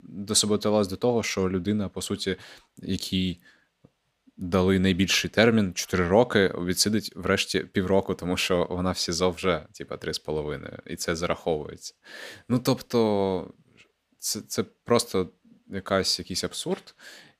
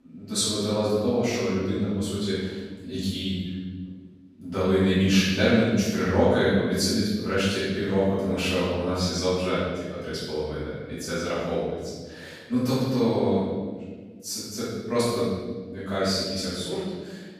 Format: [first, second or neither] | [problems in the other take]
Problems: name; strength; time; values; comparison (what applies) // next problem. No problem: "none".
first | off-mic speech; far // room echo; strong; dies away in 1.5 s